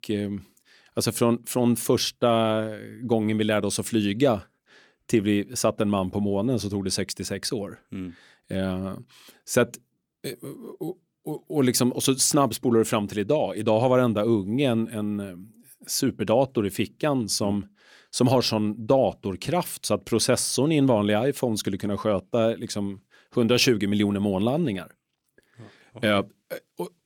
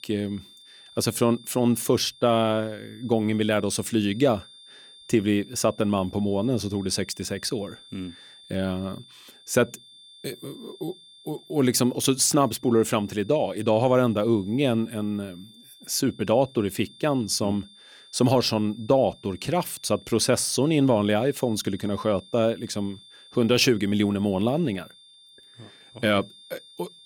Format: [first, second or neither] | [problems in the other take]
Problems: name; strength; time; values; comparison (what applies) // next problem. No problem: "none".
first | high-pitched whine; faint; throughout; 3.5 kHz, 25 dB below the speech